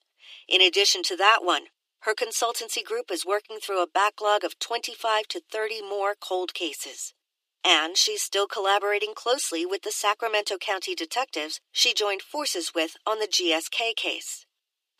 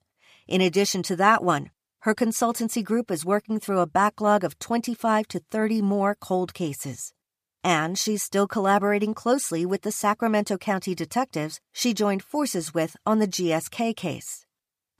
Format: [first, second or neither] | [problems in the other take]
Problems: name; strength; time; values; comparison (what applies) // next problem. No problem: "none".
second | thin; very; fading below 300 Hz